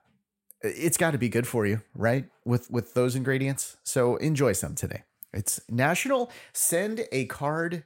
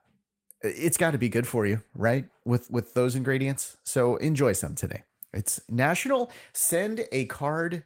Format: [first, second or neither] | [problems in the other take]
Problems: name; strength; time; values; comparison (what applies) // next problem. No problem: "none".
first | garbled, watery; slightly; nothing above 16 kHz